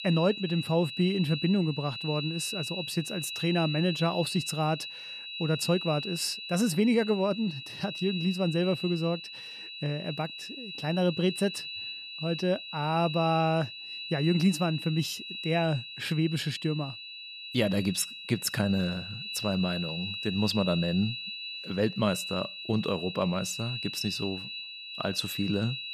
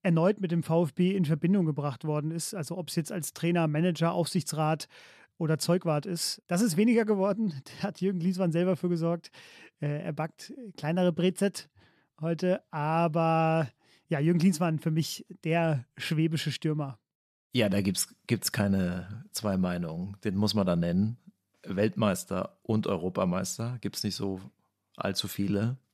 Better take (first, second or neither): second